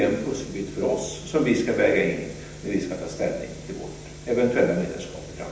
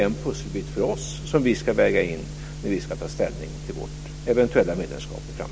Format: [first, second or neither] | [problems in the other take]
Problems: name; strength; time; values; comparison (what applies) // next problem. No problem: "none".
second | room echo; dies away in 0.9 s